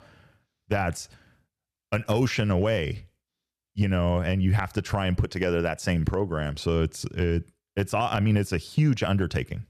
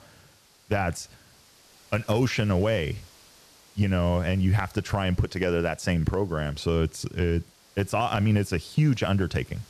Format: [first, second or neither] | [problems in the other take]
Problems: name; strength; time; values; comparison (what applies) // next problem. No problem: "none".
first | hiss; faint; throughout; 25 dB below the speech